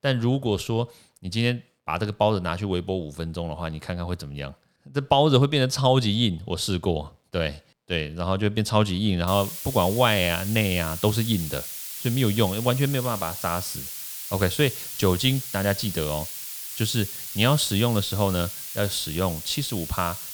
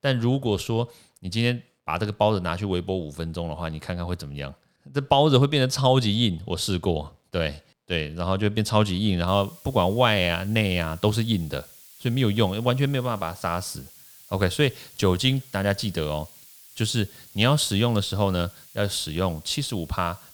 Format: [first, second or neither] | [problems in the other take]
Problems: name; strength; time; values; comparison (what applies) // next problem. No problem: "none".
second | hiss; loud; from 9.5 s on; 8 dB below the speech; faint in the second